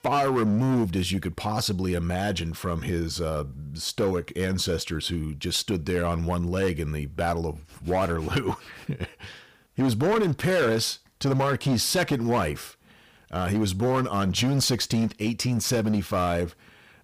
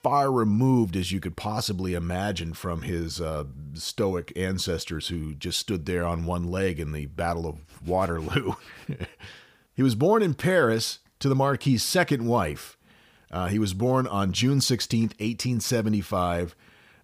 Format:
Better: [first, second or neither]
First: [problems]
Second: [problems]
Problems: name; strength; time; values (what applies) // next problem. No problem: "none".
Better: second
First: distortion; slight; 9% of the sound clipped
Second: none